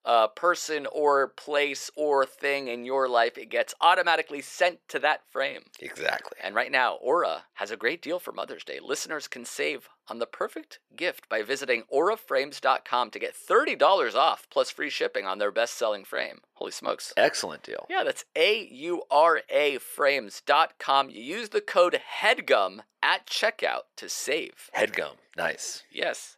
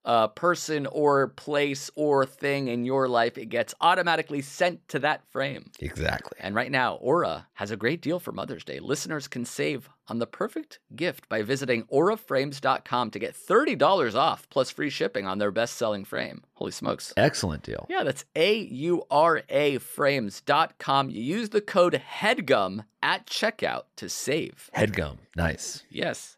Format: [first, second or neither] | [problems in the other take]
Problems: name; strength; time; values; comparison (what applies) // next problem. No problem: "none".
second | thin; somewhat; fading below 500 Hz